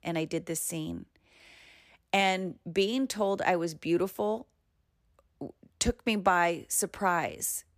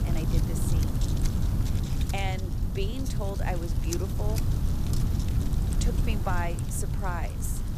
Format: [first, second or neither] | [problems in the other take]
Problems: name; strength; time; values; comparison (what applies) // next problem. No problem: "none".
first | wind noise on the microphone; heavy; 3 dB below the speech